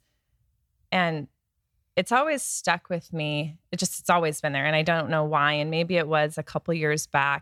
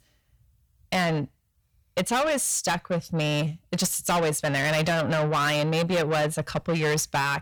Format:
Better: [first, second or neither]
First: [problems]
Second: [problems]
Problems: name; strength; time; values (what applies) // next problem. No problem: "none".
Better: first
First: none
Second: distortion; heavy; 6 dB below the speech